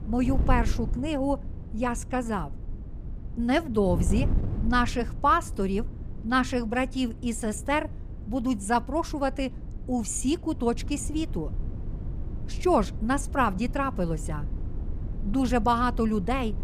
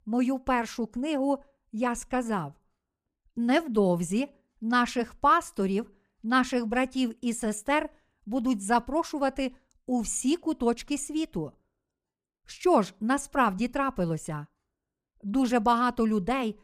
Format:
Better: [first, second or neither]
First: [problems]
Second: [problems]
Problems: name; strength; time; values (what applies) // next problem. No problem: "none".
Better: second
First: wind noise on the microphone; occasional gusts; 20 dB below the speech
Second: none